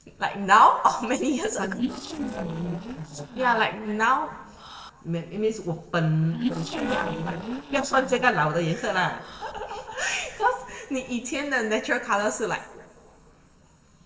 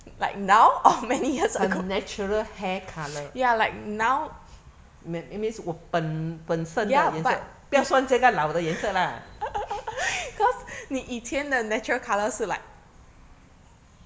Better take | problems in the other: second | noise reduction (neural separator model SepFormer DNS4)

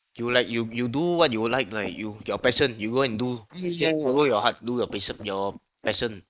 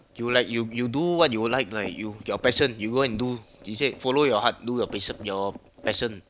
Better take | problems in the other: second | noise reduction (neural mask model Resemble Enhance denoiser)

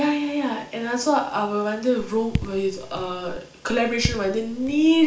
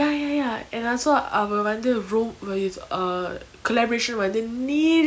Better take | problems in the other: second | background sound (Raindrop / Drip); 9 dB below the speech // room echo; dies away in 0.4 s

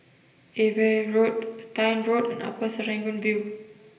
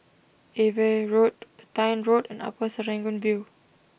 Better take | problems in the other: second | room echo; dies away in 1.4 s

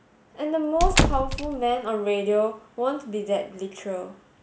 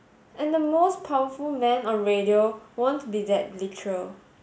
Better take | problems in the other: second | background sound (Squeak / Slam / Wood); 3 dB above the speech

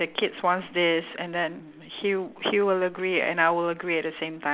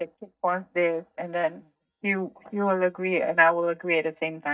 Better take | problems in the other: first | noise reduction (neural mask model DeepFilterNet 3)

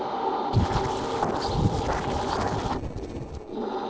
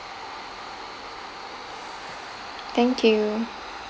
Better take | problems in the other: second | noise reduction (neural separator model SepFormer DNS4)

